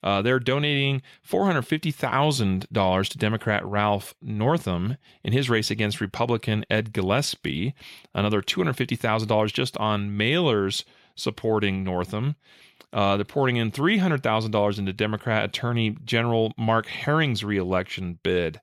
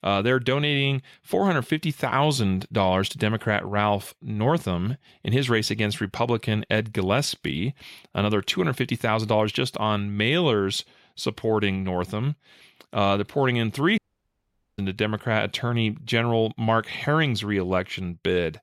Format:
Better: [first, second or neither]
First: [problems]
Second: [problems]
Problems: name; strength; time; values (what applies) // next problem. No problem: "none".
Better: first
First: none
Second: audio cutting out; at 14 s for 1 s